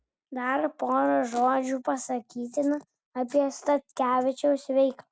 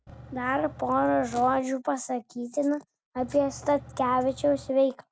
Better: first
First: none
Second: background sound (Engine / Truck / Car); 18 dB below the speech

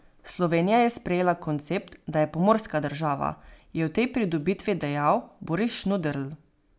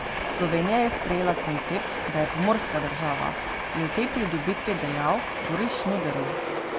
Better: first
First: none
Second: background sound (Train); 2 dB below the speech

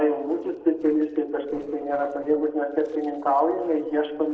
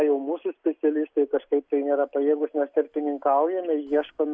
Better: second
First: noise reduction (neural separator model SepFormer DNS4)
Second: none

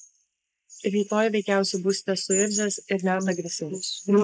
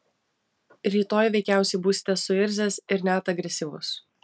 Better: second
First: noise reduction (neural mask model Resemble Enhance denoiser)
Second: none

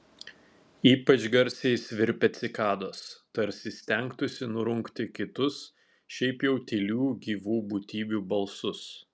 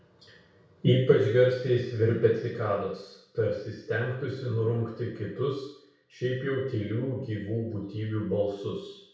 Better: first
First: none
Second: room echo; dies away in 0.6 s

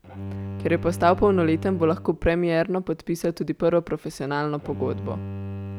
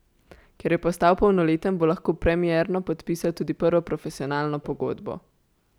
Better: second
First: background sound (Bowed string instrument); 11 dB below the speech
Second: none

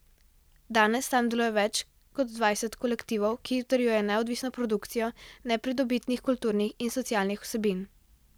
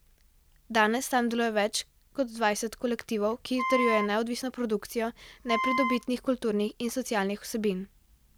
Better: first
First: none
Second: background sound (Wind instrument, woodwind instrument); 1 dB below the speech

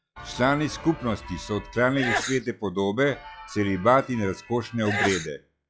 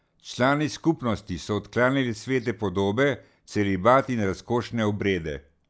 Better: second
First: noise reduction (classical method log-MMSE)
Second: none

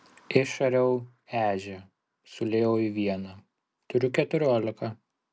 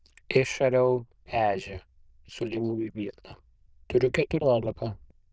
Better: first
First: none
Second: noise reduction (neural diffusion model UNIVERSE++)

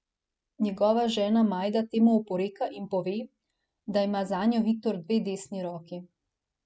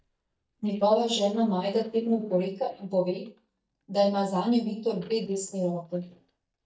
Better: first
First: none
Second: noise reduction (neural mask model DeepFilterNet 3)

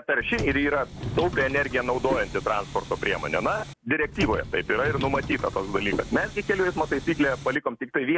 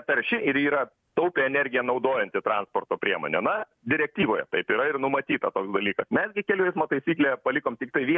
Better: second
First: background sound (Subway, metro, underground); 9 dB below the speech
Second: none

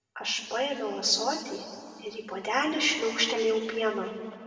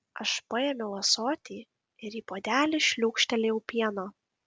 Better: second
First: room echo; dies away in 2.2 s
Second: none

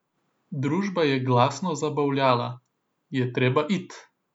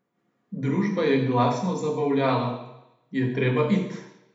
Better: first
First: none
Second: room echo; dies away in 0.8 s

